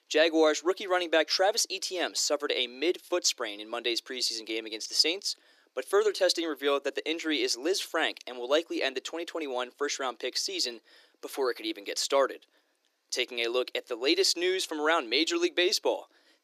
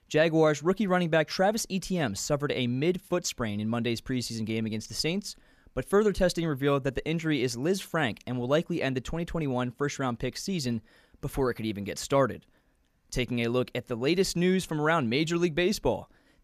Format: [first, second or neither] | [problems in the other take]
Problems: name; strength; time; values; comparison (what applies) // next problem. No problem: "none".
second | thin; very; fading below 300 Hz